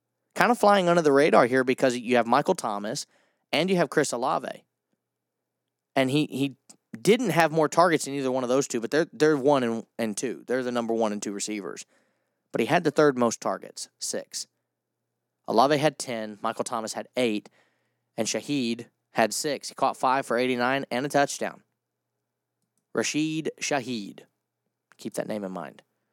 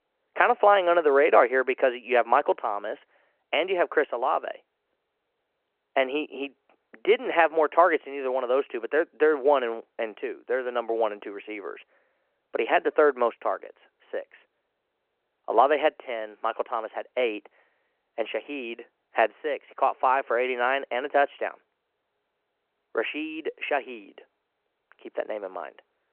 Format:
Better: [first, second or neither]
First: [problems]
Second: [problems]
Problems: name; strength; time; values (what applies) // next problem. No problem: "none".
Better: first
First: none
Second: phone-call audio